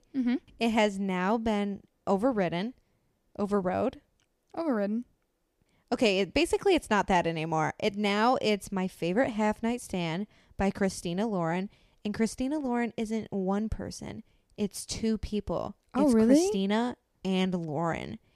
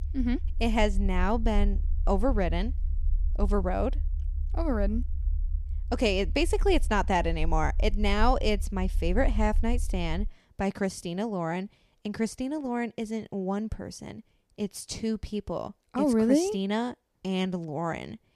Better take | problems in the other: first | low rumble; faint; until 10 s; 25 dB below the speech

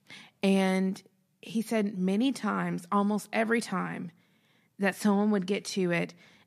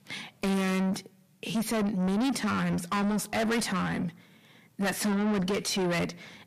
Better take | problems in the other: first | distortion; heavy; 5 dB below the speech

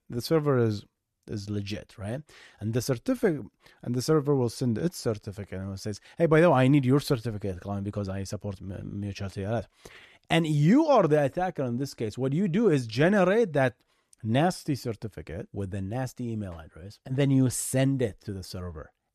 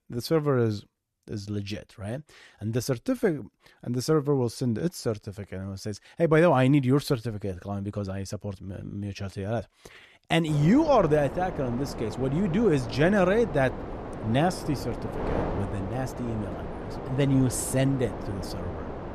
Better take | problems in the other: first | wind noise on the microphone; heavy; from 10 s on; 10 dB below the speech

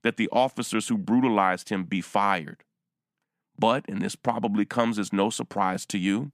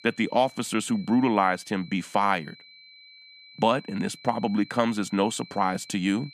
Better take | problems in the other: first | high-pitched whine; faint; throughout; 4 kHz, 20 dB below the speech

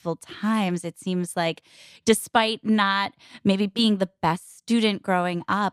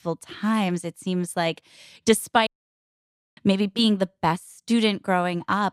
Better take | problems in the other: first | audio cutting out; at 2.5 s for 1 s

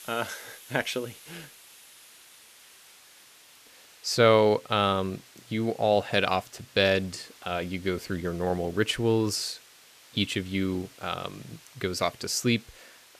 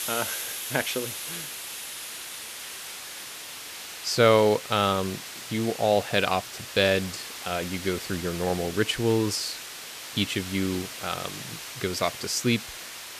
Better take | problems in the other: first | hiss; loud; throughout; 9 dB below the speech; faint in the first

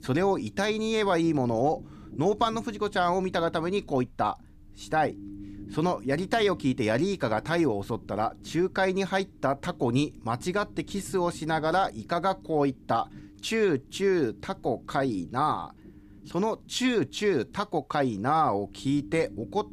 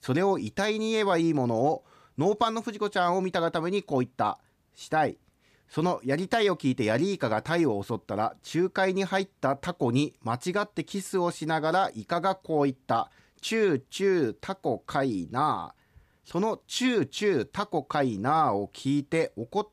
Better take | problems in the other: second | low rumble; faint; throughout; 25 dB below the speech

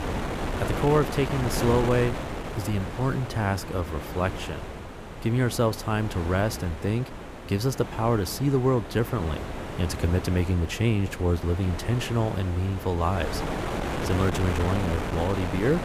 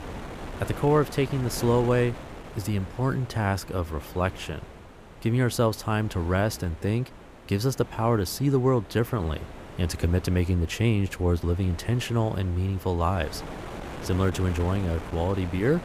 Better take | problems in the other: second | wind noise on the microphone; heavy; 5 dB below the speech; occasional gusts in the second

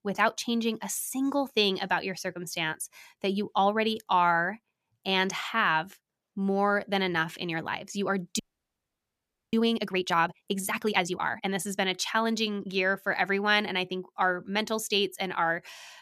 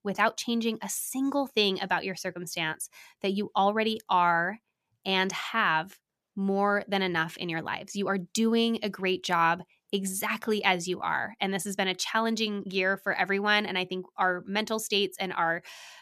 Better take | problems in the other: second | audio freezing; at 8.5 s for 1 s

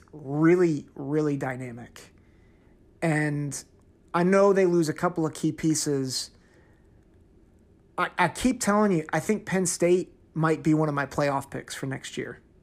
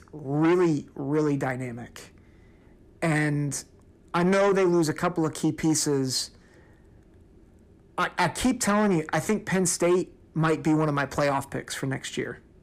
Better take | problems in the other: first | distortion; slight; 10 dB below the speech

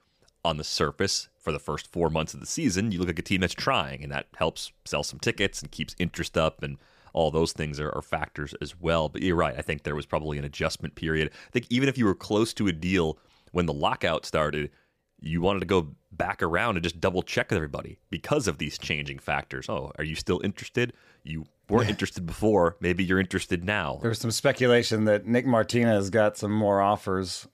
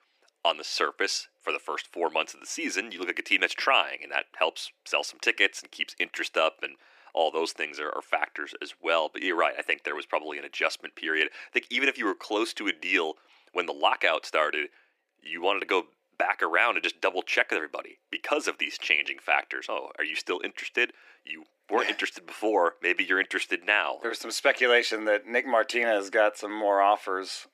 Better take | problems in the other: first | thin; very; fading below 300 Hz

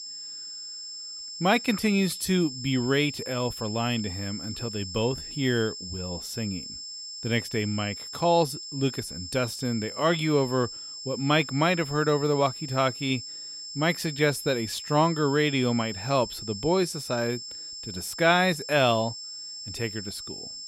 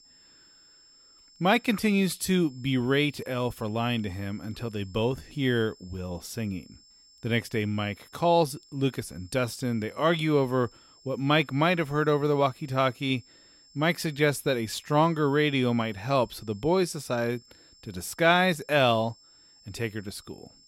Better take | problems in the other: second | high-pitched whine; loud; throughout; 5.5 kHz, 9 dB below the speech; faint in the second

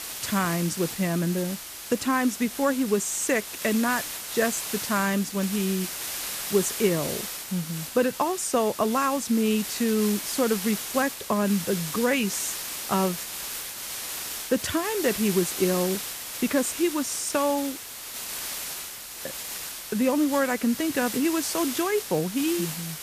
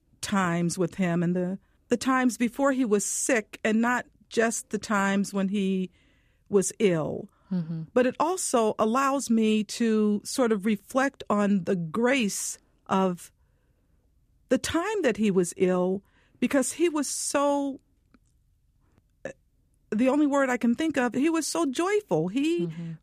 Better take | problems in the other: second | hiss; loud; throughout; 6 dB below the speech

